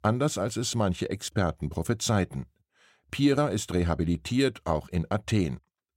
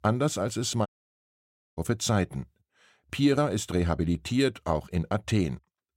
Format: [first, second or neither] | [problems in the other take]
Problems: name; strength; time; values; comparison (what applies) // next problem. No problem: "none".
first | audio cutting out; at 1 s for 1 s